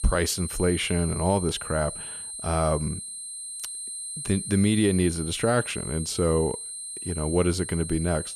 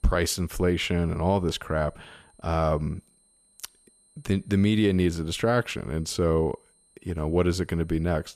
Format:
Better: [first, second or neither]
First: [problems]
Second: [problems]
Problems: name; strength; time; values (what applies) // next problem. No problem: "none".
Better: second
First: high-pitched whine; loud; throughout; 8.5 kHz, 7 dB below the speech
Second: high-pitched whine; faint; throughout; 8.5 kHz, 35 dB below the speech